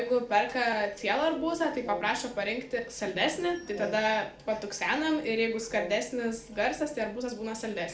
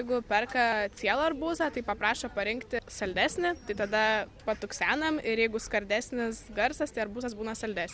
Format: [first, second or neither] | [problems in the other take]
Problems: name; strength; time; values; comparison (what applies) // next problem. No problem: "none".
second | background sound (Brass instrument); 14 dB below the speech // room echo; dies away in 0.4 s